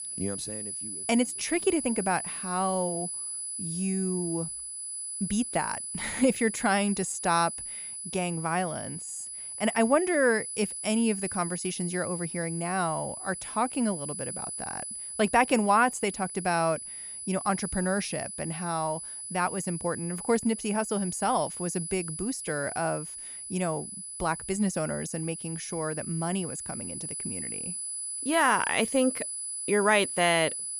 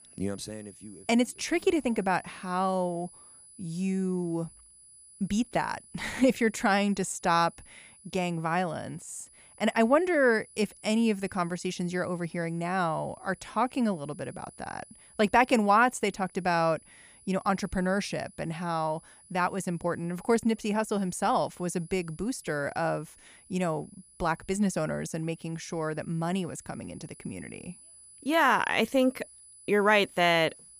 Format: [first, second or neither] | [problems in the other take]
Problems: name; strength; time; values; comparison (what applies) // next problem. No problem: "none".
second | high-pitched whine; loud; throughout; 10 kHz, 6 dB below the speech; faint in the second